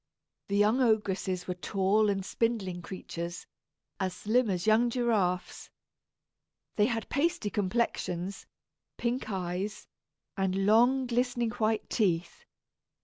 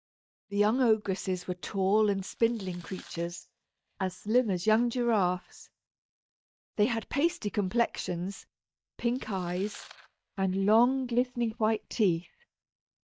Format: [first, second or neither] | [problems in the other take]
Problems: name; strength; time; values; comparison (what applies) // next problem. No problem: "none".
first | noise reduction (neural mask model DeepFilterNet 3)